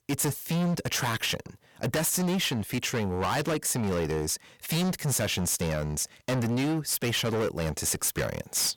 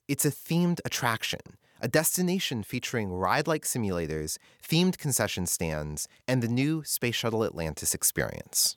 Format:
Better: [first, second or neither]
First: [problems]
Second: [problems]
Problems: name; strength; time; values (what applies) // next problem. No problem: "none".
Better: second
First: distortion; heavy; 24% of the sound clipped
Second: none